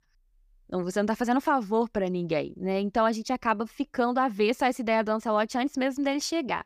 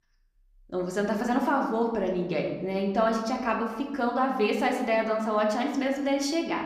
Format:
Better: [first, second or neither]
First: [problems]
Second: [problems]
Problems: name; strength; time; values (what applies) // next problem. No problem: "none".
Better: first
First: none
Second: room echo; slight; dies away in 0.9 s // off-mic speech; somewhat distant